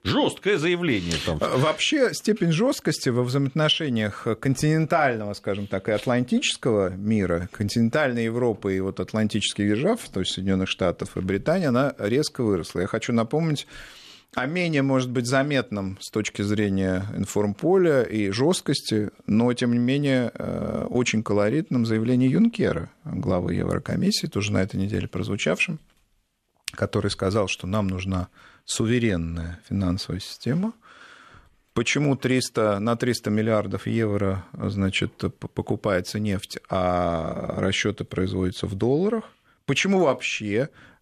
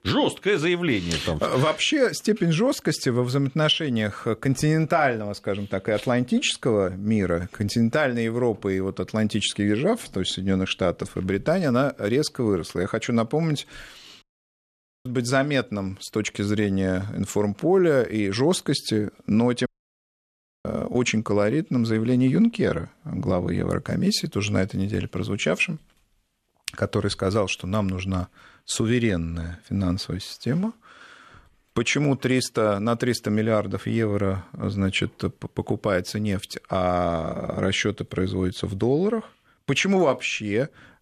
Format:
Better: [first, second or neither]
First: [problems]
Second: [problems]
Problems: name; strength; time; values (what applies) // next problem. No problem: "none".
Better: first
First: none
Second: audio cutting out; at 14 s for 1 s and at 20 s for 1 s